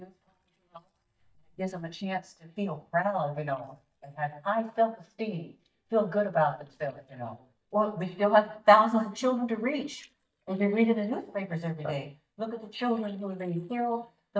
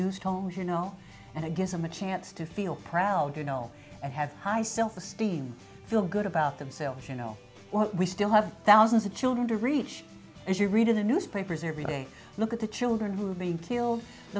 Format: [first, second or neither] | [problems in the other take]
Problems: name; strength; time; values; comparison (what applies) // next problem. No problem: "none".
second | noise reduction (neural mask model DeepFilterNet 3)